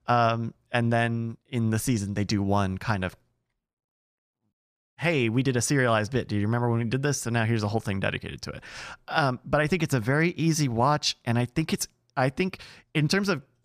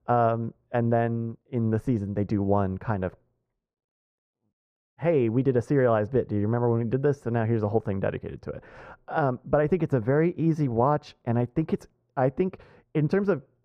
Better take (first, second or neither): first